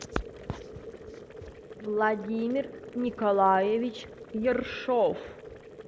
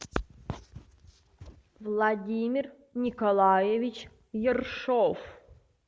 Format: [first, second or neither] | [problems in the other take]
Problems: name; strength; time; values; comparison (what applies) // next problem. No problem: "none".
second | background sound (Boiling); 15 dB below the speech